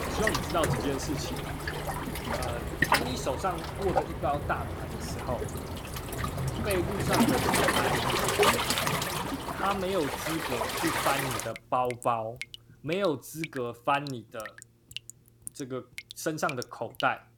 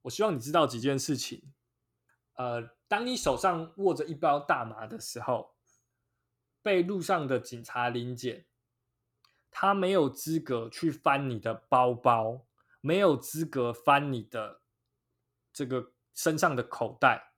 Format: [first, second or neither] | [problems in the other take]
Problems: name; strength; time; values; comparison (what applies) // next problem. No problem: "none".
second | rain or running water; very loud; throughout; 3 dB above the speech